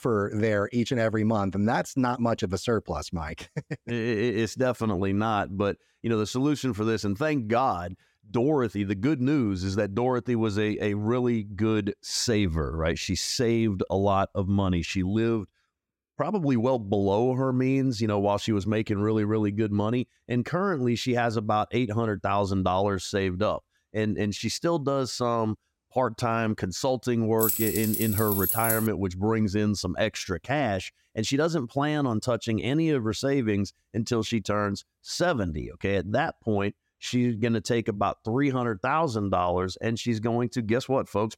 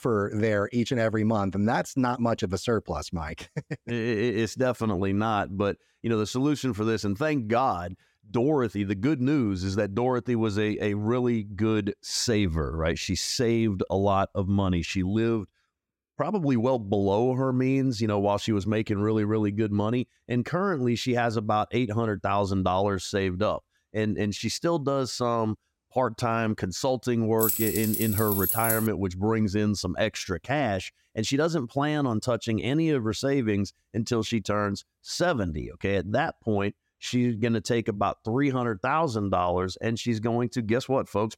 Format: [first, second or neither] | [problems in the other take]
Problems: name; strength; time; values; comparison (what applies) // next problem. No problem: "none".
neither | jangling keys; loud; from 27 to 29 s; peak 2 dB above the speech; the same in both